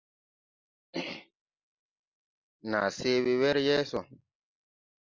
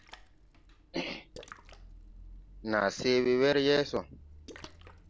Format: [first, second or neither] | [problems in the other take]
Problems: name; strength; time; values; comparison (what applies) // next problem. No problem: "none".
first | background sound (Splash, splatter); 19 dB below the speech